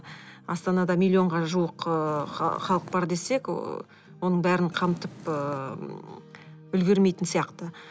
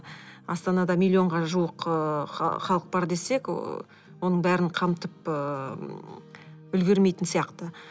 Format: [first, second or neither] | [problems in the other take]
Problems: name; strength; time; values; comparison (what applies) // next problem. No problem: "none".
second | background sound (Purr); 17 dB below the speech